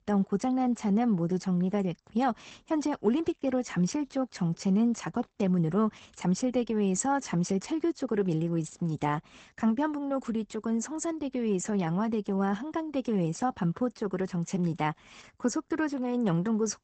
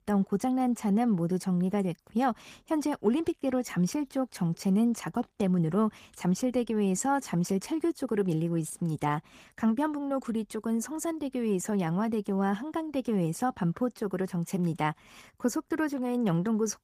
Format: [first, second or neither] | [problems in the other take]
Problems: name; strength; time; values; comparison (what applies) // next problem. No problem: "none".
second | garbled, watery; badly; nothing above 8 kHz; slightly in the second